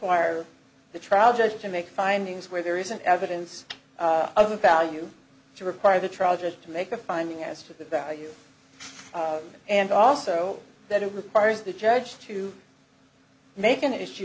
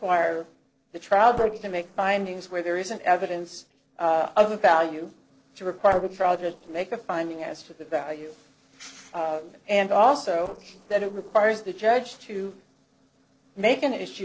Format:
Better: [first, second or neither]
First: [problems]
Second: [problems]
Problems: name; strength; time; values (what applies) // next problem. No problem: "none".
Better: first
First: none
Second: noise reduction (neural separator model SepFormer DNS4)